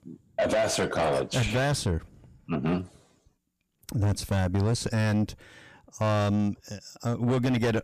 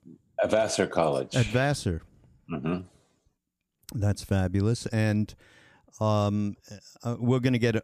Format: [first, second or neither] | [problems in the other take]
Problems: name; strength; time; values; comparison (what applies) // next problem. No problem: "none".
second | distortion; heavy; 6 dB below the speech